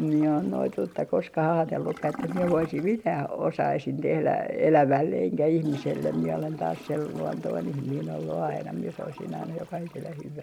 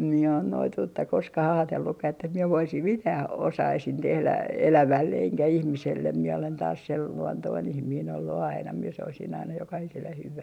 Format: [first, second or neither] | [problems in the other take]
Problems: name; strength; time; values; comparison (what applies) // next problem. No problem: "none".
second | background sound (Toilet flush / Gurgling); 17 dB below the speech